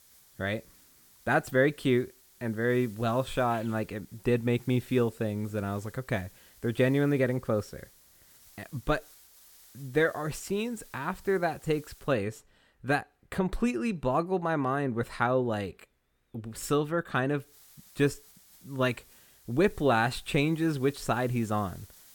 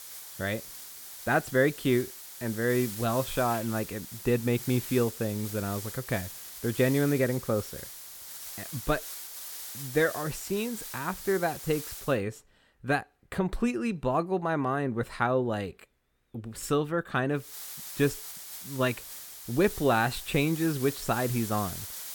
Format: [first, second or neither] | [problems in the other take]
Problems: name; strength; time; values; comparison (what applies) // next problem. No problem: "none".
first | hiss; loud; until 12 s and from 17 s on; 10 dB below the speech; faint in the first